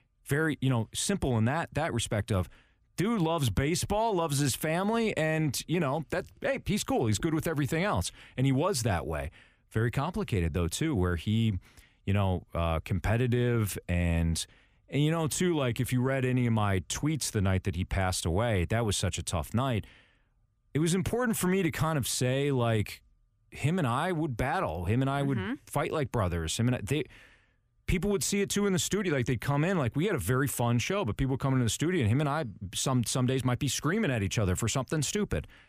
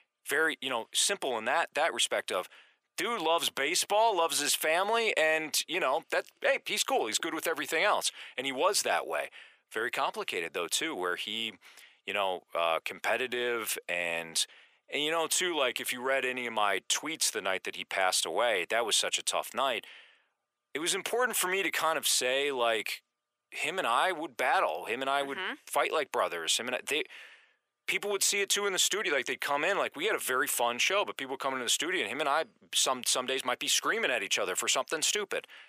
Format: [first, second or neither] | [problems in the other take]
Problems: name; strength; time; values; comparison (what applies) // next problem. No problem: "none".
first | thin; very; fading below 500 Hz